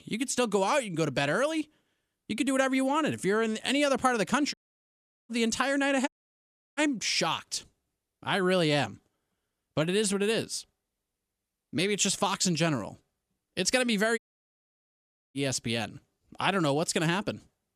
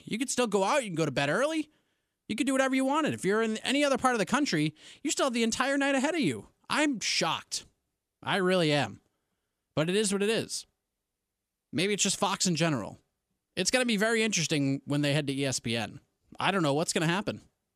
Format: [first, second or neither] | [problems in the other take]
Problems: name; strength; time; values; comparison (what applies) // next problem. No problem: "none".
second | audio cutting out; at 4.5 s for 1 s, at 6 s for 0.5 s and at 14 s for 1 s